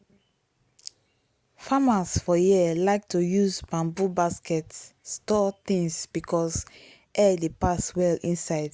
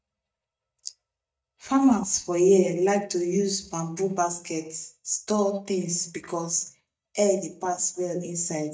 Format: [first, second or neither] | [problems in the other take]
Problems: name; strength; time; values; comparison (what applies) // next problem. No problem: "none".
first | noise reduction (neural mask model DeepFilterNet 3)